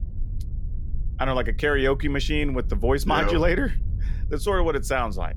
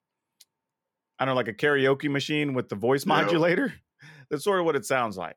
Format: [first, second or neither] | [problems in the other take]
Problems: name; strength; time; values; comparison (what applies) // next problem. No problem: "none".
second | low rumble; faint; throughout; 25 dB below the speech